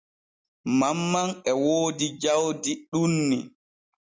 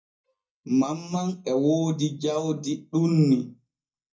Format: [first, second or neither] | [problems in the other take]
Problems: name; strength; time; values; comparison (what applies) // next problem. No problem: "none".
first | noise reduction (neural mask model DeepFilterNet 3)